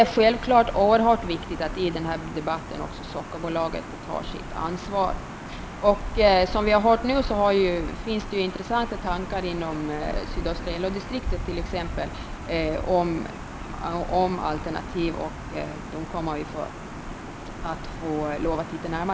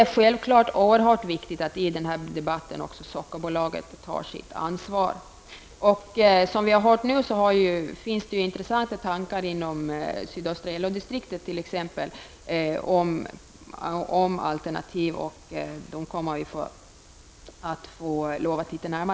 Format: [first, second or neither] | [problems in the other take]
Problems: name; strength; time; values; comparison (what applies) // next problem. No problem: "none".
second | background sound (Gull, seagull / Ocean); 8 dB below the speech